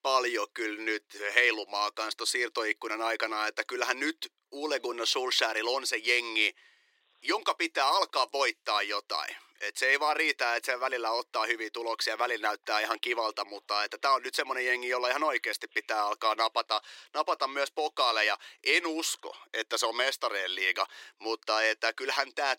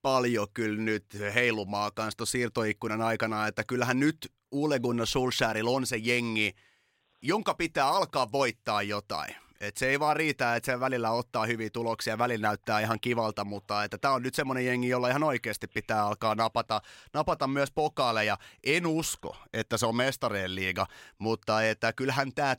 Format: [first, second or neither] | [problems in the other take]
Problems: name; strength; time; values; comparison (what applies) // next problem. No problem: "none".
second | thin; very; fading below 350 Hz